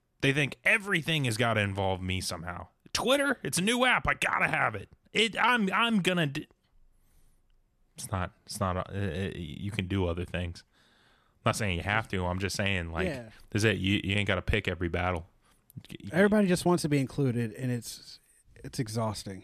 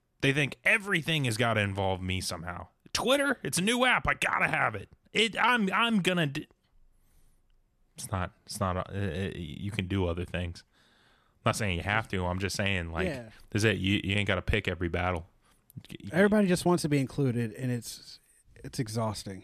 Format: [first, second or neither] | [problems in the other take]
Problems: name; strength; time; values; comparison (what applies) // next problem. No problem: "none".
neither | none